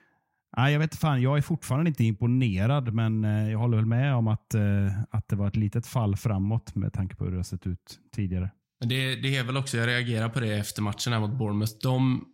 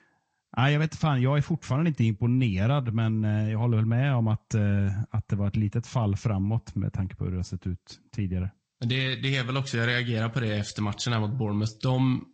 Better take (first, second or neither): first